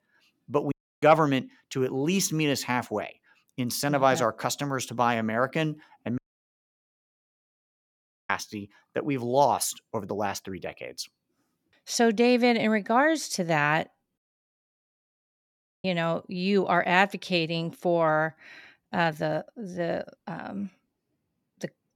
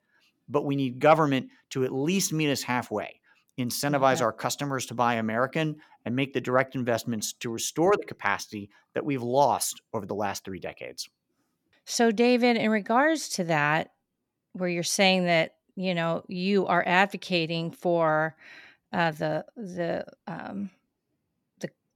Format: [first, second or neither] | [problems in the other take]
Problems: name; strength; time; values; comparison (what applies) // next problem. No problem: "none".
second | audio cutting out; at 0.5 s, at 6 s for 2 s and at 14 s for 1.5 s